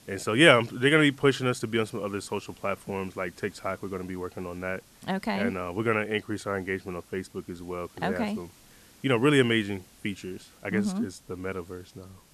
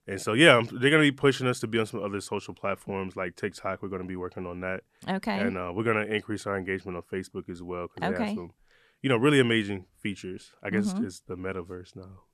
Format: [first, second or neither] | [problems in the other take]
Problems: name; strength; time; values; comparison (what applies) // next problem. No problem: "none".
second | hiss; faint; throughout; 25 dB below the speech